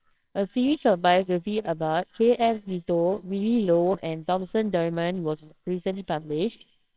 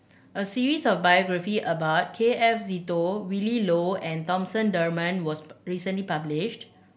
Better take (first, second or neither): second